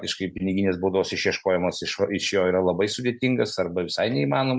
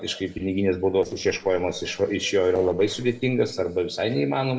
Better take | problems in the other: first | noise reduction (neural separator model SepFormer DNS4)

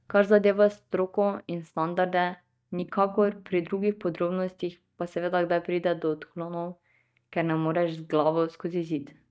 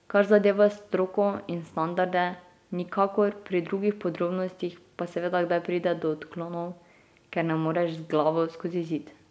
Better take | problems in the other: second | noise reduction (neural mask model DeepFilterNet 3)

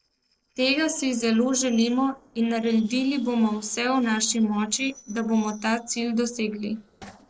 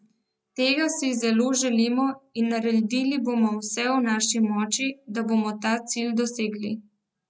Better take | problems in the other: second | noise reduction (neural separator model SepFormer DNS4)

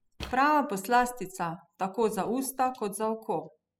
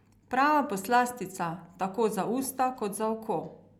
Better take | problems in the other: second | noise reduction (classical method spectral subtraction)

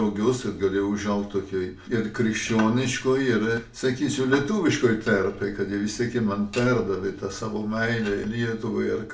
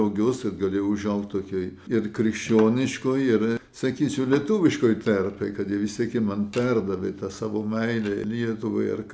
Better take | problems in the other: second | room echo; dies away in 0.2 s

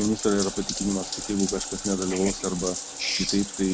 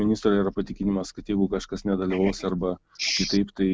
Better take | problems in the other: second | background sound (Bathtub (filling or washing)); 6 dB below the speech

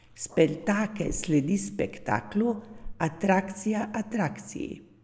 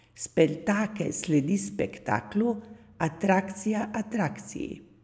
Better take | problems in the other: second | background sound (Growling); 17 dB below the speech

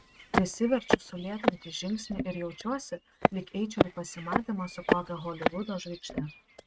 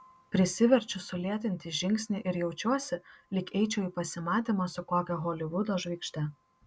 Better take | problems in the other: second | noise reduction (neural mask model RNNoise)

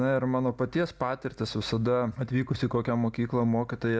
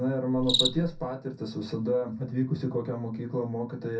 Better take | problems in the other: first | background sound (Cricket); 6 dB below the speech // room echo; dies away in 0.3 s

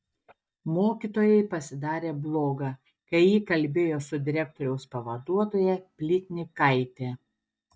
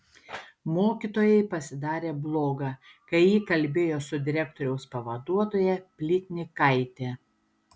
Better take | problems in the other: second | noise reduction (neural mask model DeepFilterNet 3)

